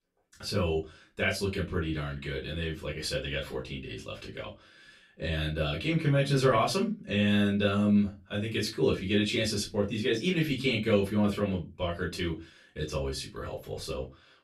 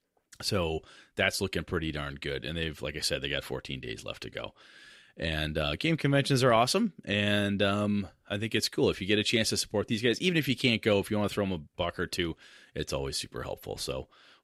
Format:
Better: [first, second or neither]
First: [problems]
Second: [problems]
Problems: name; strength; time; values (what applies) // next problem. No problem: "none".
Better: second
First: off-mic speech; far // room echo; very slight; dies away in 0.2 s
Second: none